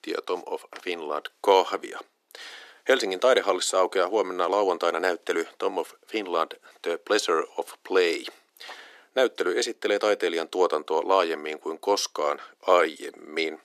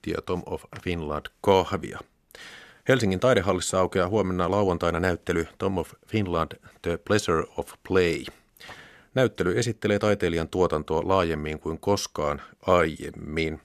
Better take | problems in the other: second | thin; somewhat; fading below 300 Hz

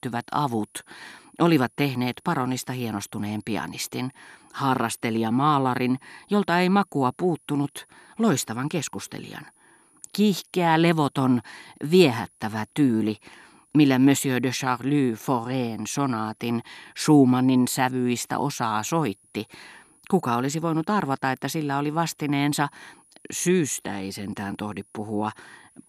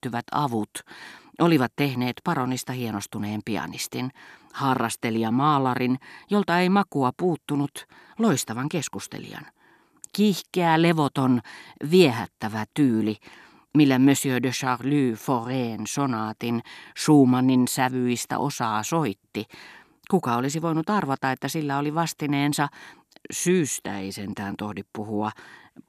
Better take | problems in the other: second | high-pitched whine; faint; throughout; 10.5 kHz, 35 dB below the speech

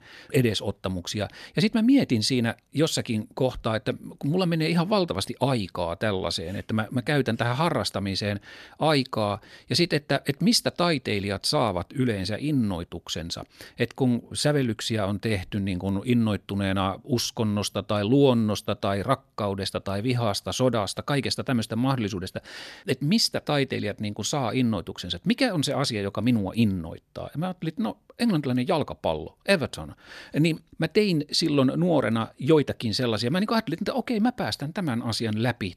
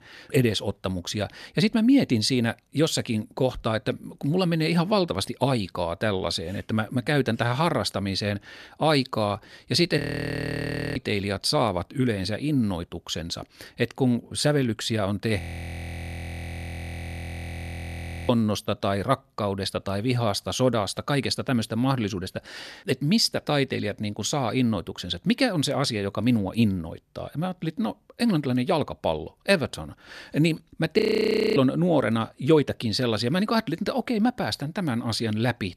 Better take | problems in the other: first | audio freezing; at 10 s for 1 s, at 15 s for 3 s and at 31 s for 0.5 s

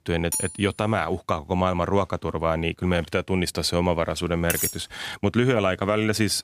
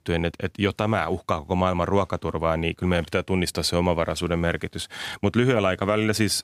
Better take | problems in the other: second | clattering dishes; noticeable; at 0.5 s and at 4.5 s; peak 1 dB below the speech

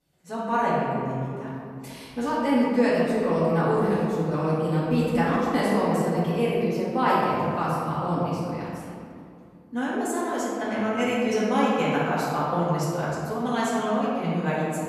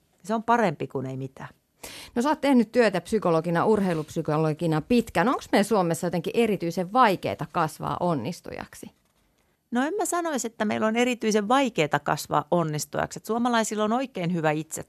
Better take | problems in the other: second | off-mic speech; far // room echo; strong; dies away in 2.3 s

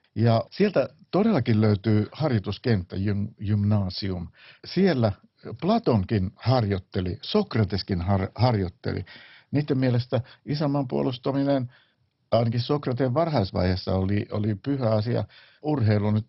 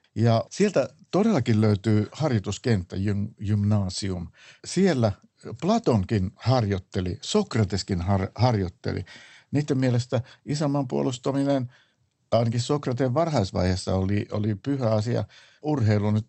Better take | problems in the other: second | garbled, watery; badly; nothing above 5.5 kHz; slightly in the second

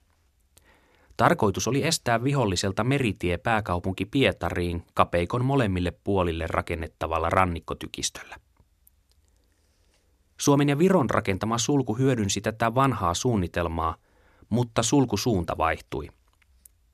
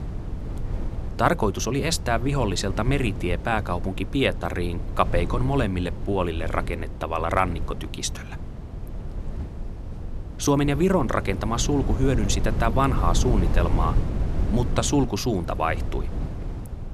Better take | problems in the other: first | wind noise on the microphone; occasional gusts; 15 dB below the speech

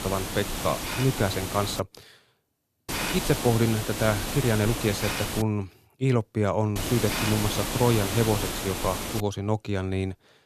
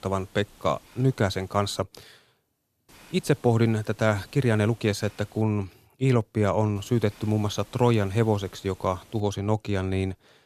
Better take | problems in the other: second | hiss; loud; until 2 s, from 3 to 5.5 s and from 7 to 9 s; 3 dB below the speech; faint in the second

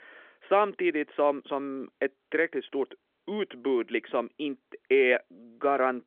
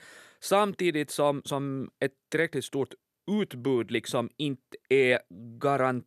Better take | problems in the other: second | phone-call audio; nothing above 3.5 kHz

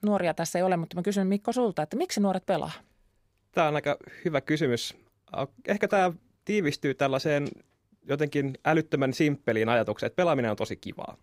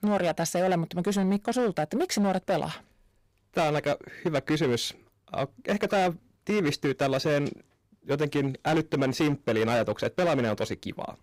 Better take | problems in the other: first | distortion; slight; 11% of the sound clipped

